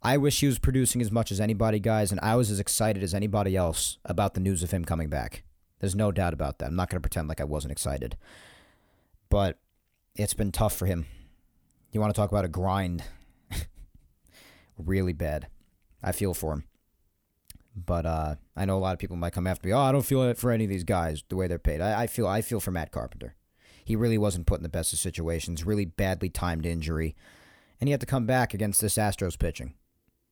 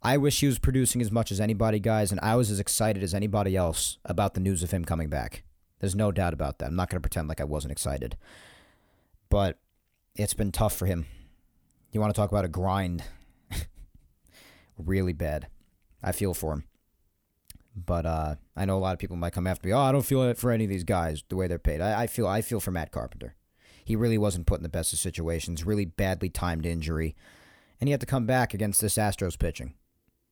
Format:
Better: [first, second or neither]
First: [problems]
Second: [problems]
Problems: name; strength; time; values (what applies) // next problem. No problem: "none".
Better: neither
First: none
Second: none